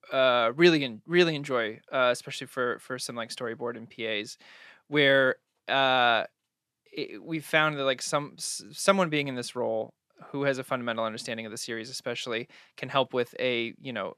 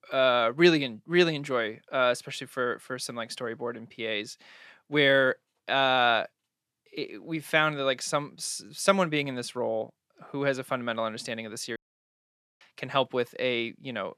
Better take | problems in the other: first | audio cutting out; at 12 s for 1 s

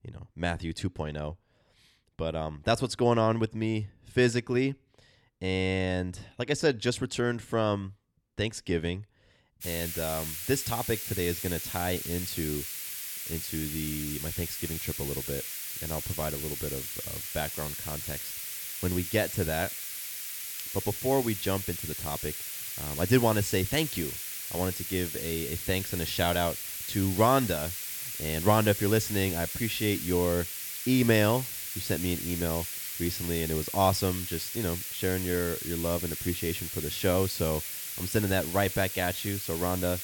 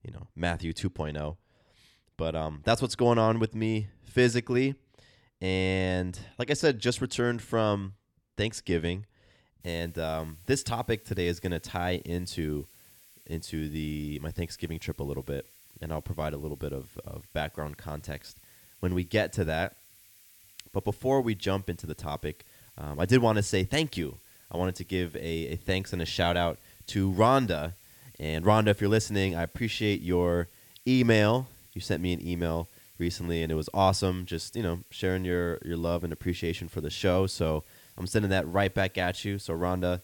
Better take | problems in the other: second | hiss; loud; from 9.5 s on; 4 dB below the speech; faint in the second

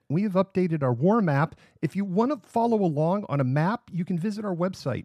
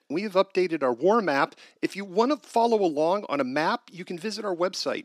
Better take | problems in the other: first | thin; somewhat; fading below 300 Hz

